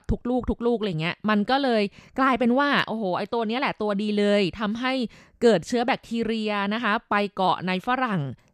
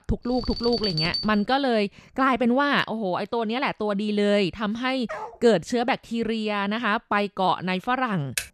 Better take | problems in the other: first | alarm; noticeable; until 1.5 s; peak 1 dB below the speech // dog barking; faint; at 5 s; peak 10 dB below the speech // keyboard typing; noticeable; at 8 s; peak 7 dB below the speech

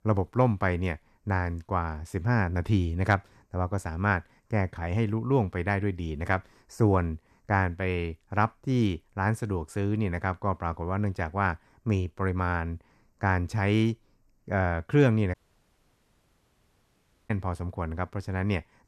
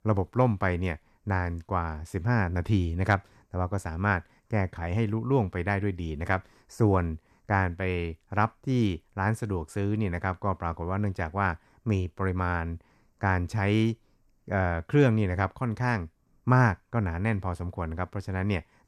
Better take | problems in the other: second | audio cutting out; at 15 s for 2 s

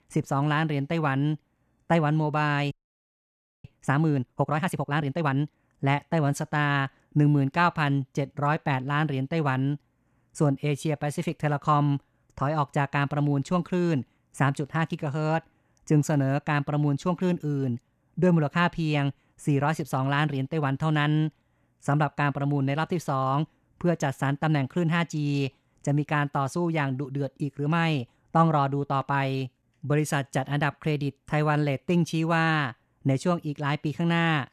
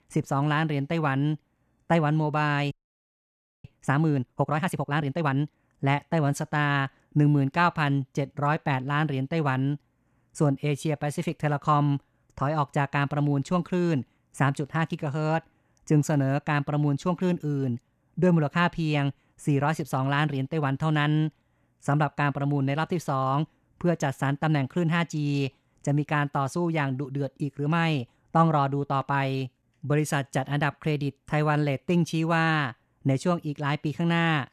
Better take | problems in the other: neither | audio freezing; at 2.5 s for 1 s; the same in both

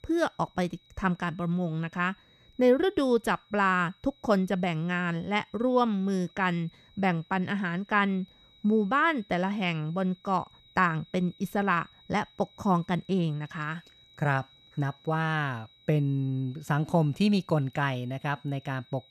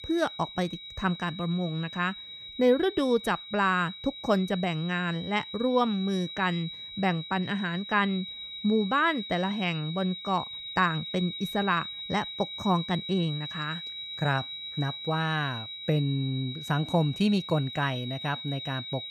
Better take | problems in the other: first | high-pitched whine; loud; throughout; 4 kHz, 9 dB below the speech; faint in the first

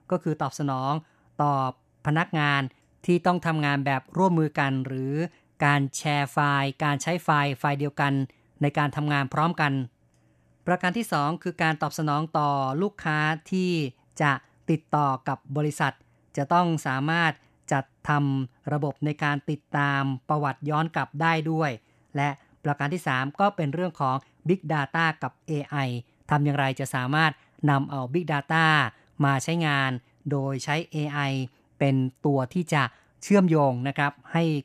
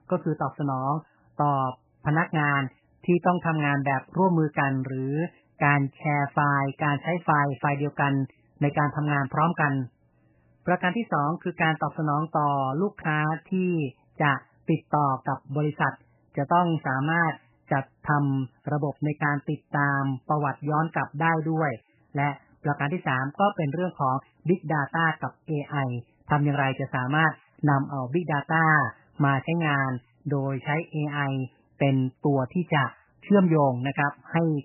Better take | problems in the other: first | garbled, watery; badly; nothing above 3 kHz

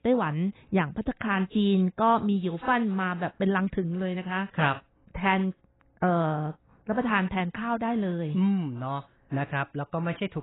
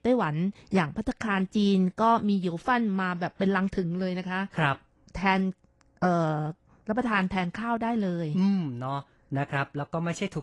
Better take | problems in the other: second | garbled, watery; badly; nothing above 4 kHz; slightly in the second

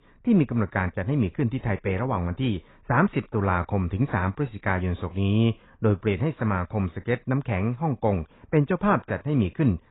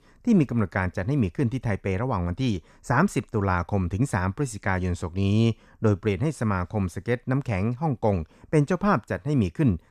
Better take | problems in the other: second | garbled, watery; badly; nothing above 4 kHz

